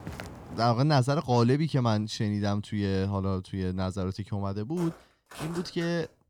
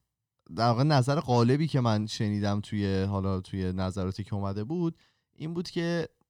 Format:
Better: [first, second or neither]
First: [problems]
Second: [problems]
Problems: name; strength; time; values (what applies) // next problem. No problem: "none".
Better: second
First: footsteps; faint; at the start and from 5 s on; peak 10 dB below the speech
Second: none